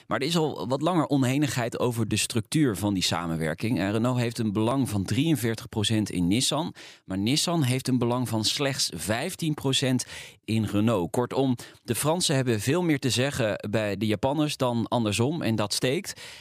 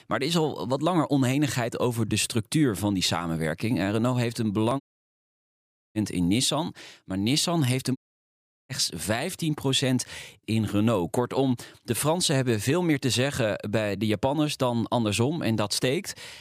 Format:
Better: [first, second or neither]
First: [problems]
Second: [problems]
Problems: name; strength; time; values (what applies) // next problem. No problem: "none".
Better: first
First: none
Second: audio cutting out; at 5 s for 1 s and at 8 s for 0.5 s